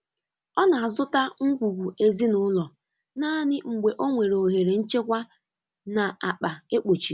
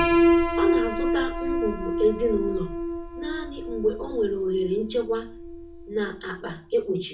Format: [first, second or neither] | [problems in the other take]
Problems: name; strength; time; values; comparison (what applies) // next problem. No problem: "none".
first | background sound (Piano); 1 dB above the speech // room echo; dies away in 0.3 s